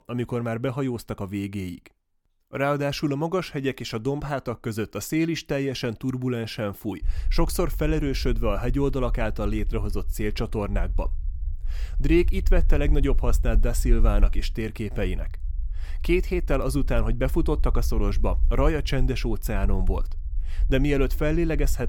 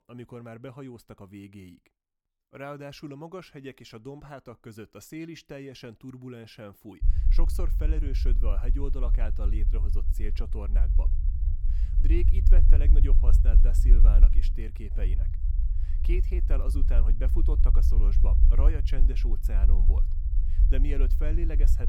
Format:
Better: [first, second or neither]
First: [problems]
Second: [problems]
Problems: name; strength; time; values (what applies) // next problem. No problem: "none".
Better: first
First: low rumble; faint; from 7 s on; 25 dB below the speech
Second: low rumble; loud; from 7 s on; 6 dB below the speech